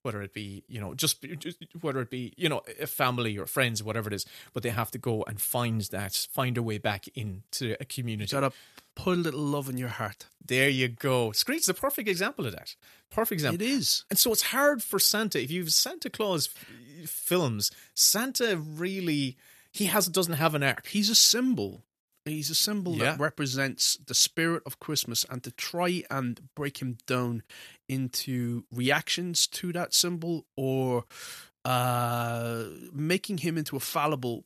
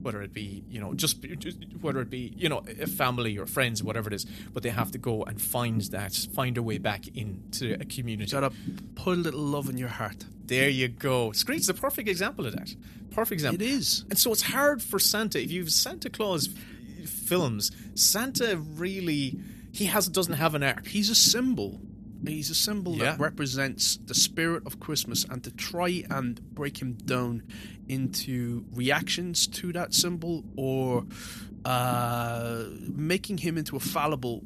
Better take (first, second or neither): first